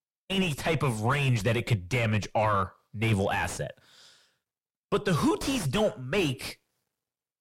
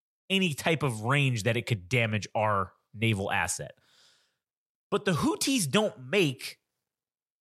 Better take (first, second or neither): second